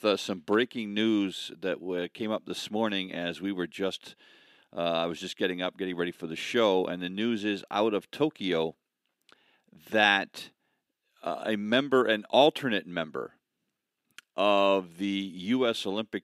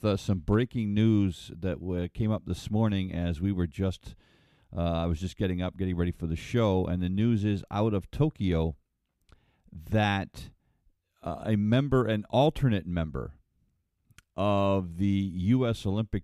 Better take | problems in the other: second | thin; somewhat; fading below 300 Hz

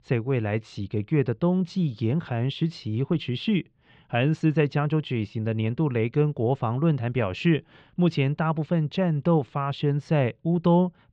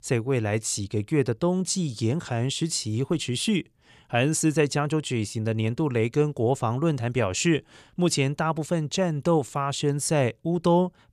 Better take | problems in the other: second | muffled; very; fading above 3.5 kHz

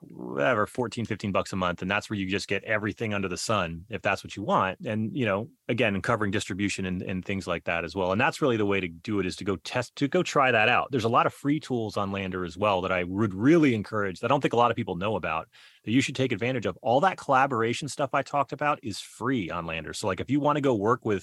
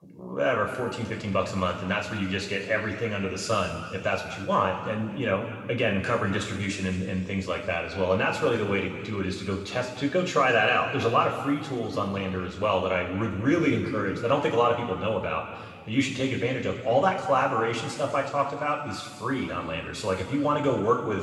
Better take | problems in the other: first | room echo; noticeable; dies away in 2 s // off-mic speech; somewhat distant

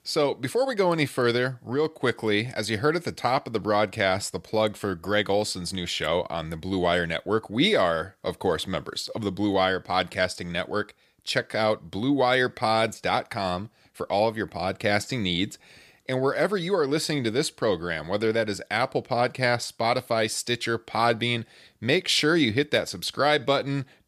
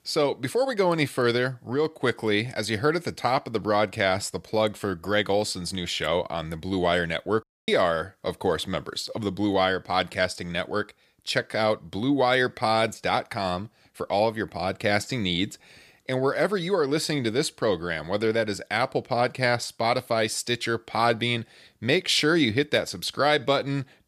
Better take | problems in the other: first | audio cutting out; at 7.5 s

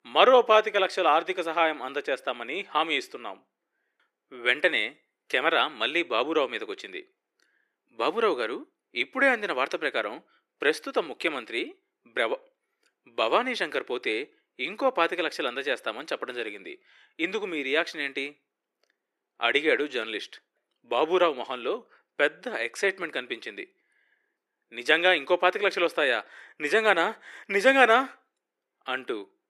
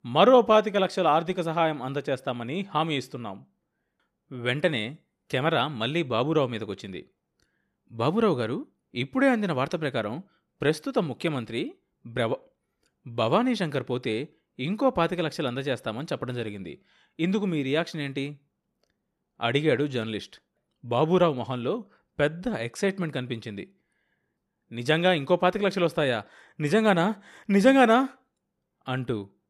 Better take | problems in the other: second | thin; somewhat; fading below 350 Hz

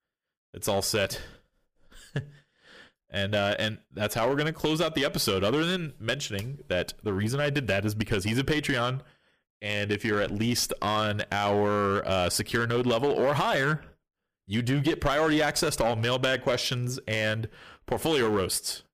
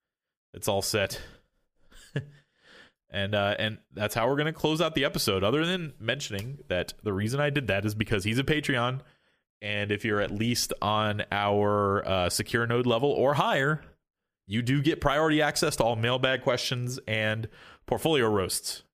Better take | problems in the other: second | distortion; slight; 6% of the sound clipped

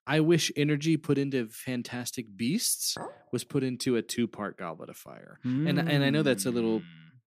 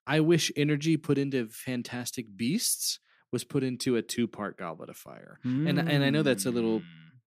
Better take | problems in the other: second | clattering dishes; faint; at 3 s; peak 15 dB below the speech

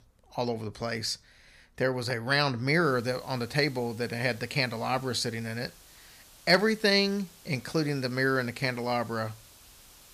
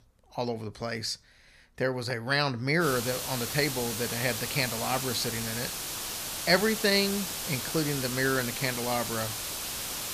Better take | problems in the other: first | hiss; loud; from 3 s on; 3 dB below the speech; faint in the first

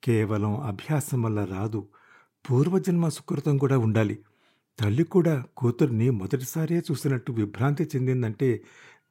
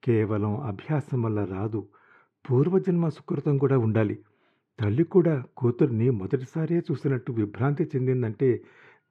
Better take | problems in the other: first | muffled; very; fading above 2.5 kHz

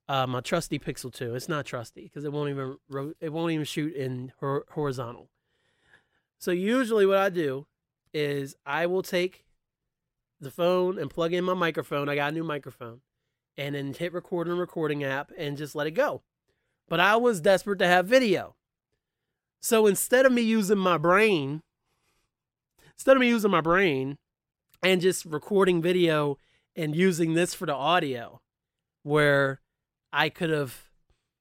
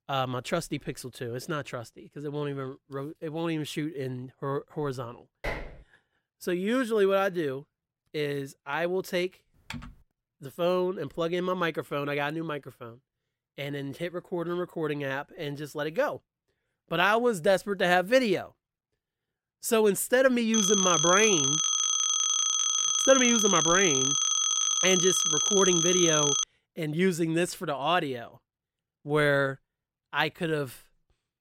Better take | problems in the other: first | clattering dishes; noticeable; at 5.5 s; peak 8 dB below the speech // keyboard typing; faint; at 9.5 s; peak 15 dB below the speech // phone ringing; loud; from 21 to 26 s; peak 5 dB above the speech

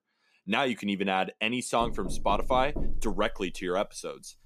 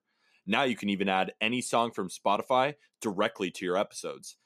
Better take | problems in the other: second | door banging; noticeable; from 2 to 3.5 s; peak 8 dB below the speech

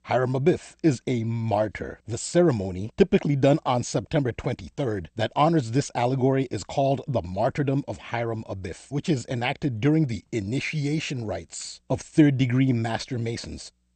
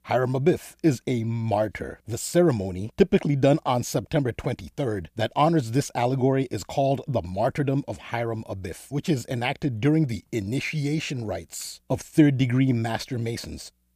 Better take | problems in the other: second | garbled, watery; slightly; nothing above 8.5 kHz

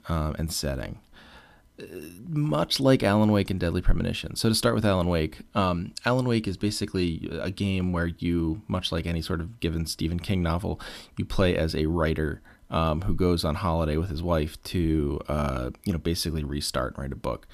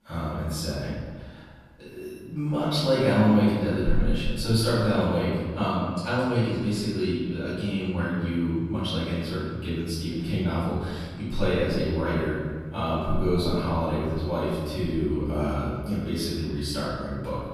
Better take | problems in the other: first | room echo; strong; dies away in 1.4 s // off-mic speech; far

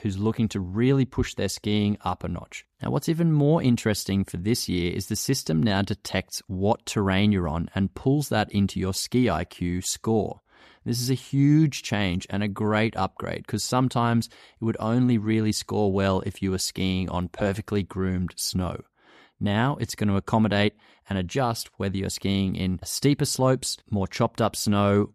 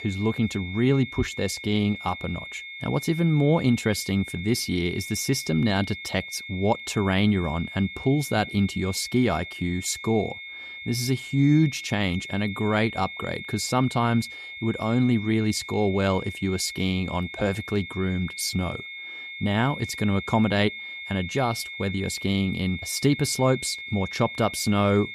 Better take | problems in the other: first | high-pitched whine; noticeable; throughout; 2 kHz, 10 dB below the speech

